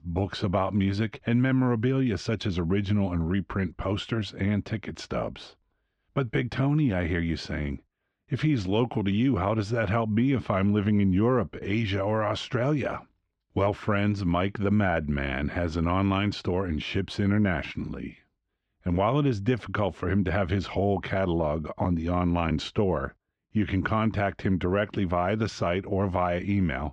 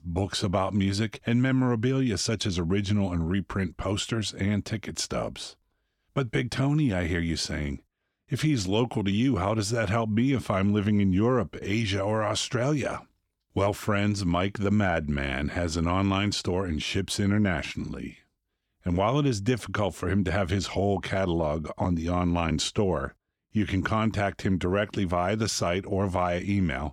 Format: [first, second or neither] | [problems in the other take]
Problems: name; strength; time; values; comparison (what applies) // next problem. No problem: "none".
second | muffled; slightly; fading above 3 kHz